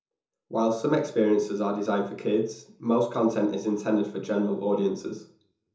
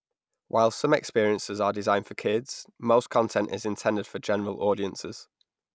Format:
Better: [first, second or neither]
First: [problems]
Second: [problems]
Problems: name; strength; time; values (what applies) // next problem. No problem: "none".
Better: second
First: room echo; dies away in 0.5 s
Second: none